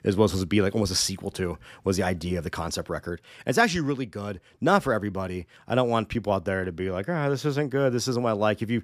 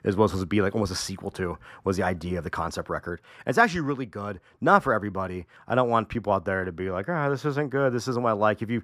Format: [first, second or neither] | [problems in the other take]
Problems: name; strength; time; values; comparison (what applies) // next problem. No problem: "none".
first | muffled; slightly; fading above 2 kHz